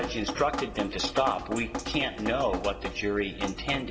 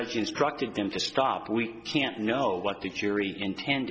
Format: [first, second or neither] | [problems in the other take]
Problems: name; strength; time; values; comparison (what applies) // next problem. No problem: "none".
second | background sound (Drip); 6 dB below the speech // room echo; dies away in 1.6 s